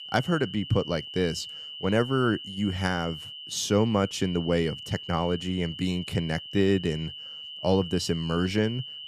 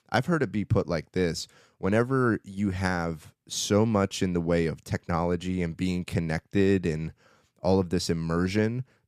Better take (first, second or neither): second